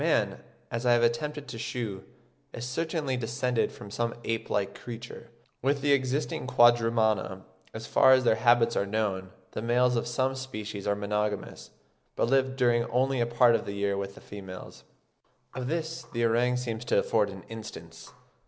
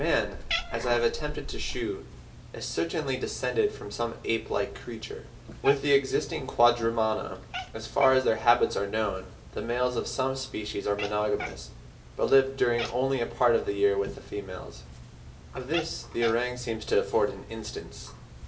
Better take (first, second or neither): first